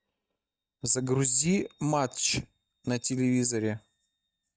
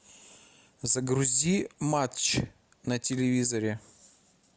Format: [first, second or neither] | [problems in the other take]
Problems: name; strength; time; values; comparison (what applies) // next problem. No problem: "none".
second | noise reduction (neural mask model DeepFilterNet 3)